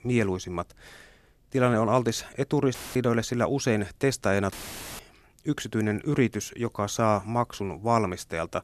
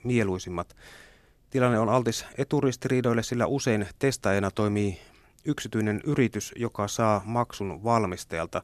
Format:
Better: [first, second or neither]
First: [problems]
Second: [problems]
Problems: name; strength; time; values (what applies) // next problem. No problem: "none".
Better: second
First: audio cutting out; filled with static; at 2.5 s and at 4.5 s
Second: none